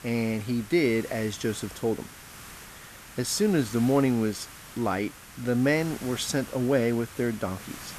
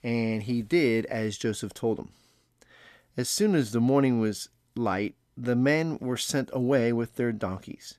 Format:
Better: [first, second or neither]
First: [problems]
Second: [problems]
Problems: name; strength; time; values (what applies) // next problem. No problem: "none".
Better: second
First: hiss; noticeable; throughout; 15 dB below the speech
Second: none